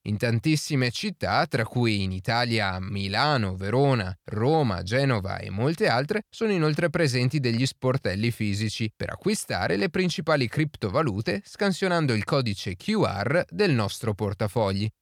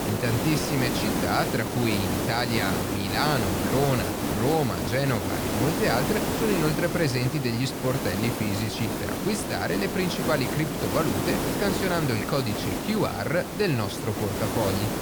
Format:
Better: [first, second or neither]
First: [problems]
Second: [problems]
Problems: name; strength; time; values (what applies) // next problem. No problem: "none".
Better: first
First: none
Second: hiss; loud; throughout; 1 dB below the speech